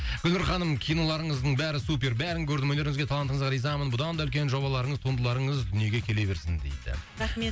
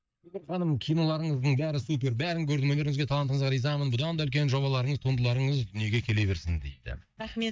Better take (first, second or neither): first